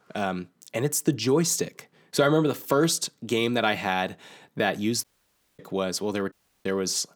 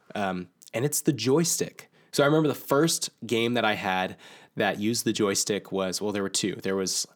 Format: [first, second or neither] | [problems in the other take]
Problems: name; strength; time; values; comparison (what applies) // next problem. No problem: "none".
second | audio cutting out; at 5 s for 0.5 s and at 6.5 s